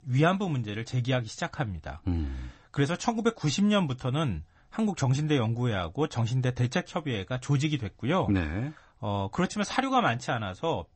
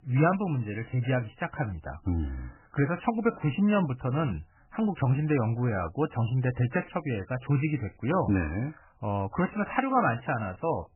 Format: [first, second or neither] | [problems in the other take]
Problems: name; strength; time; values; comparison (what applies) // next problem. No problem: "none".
first | garbled, watery; badly; nothing above 3 kHz; slightly in the first